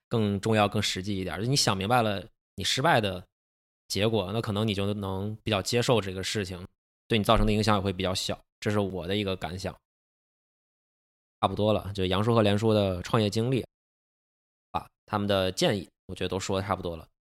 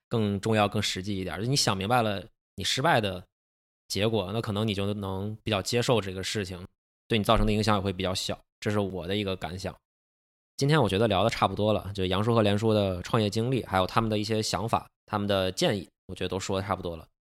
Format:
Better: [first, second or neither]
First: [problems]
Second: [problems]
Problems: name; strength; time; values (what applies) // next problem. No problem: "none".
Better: second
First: audio cutting out; at 10 s for 1 s and at 14 s for 1 s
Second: none